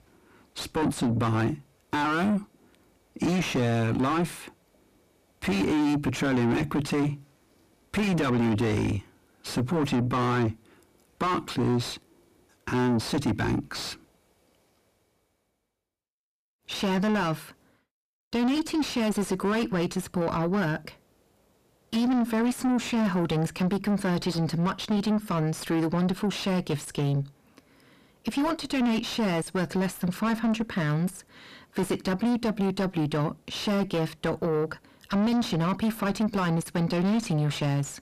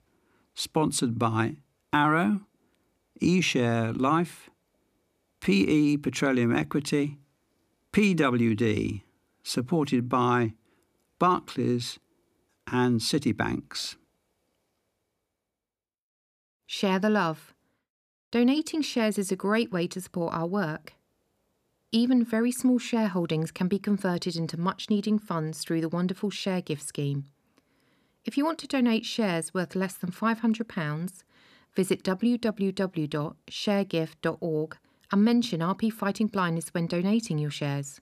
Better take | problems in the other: second | distortion; heavy; 6 dB below the speech

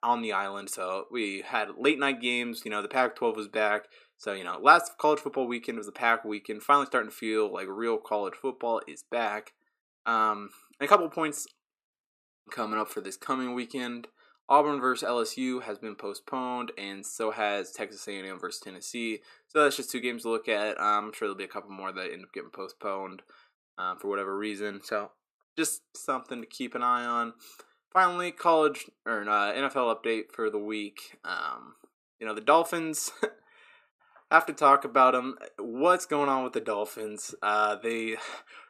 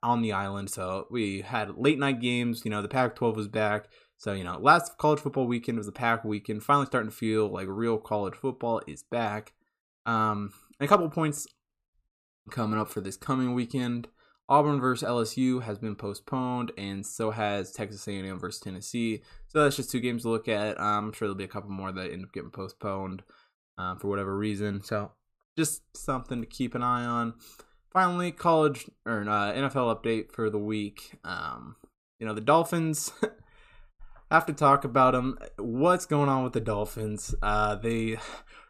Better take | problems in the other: second | thin; somewhat; fading below 300 Hz

